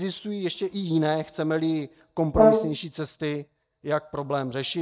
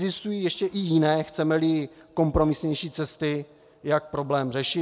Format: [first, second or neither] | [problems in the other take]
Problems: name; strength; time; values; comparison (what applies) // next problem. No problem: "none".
second | noise reduction (neural mask model DeepFilterNet 3)